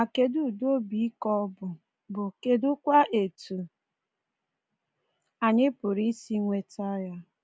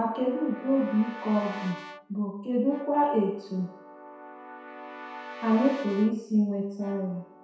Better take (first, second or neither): first